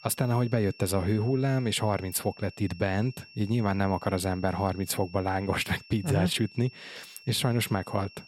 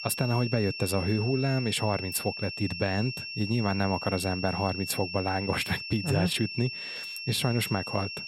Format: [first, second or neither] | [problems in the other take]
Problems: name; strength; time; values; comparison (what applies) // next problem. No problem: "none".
first | high-pitched whine; loud; throughout; 2.5 kHz, 6 dB below the speech; faint in the first